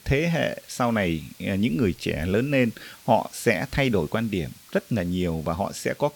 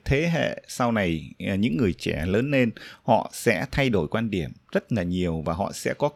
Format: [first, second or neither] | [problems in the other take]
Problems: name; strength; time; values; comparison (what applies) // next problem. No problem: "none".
second | hiss; faint; throughout; 25 dB below the speech